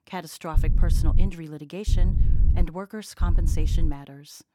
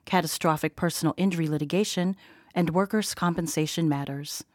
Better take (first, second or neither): second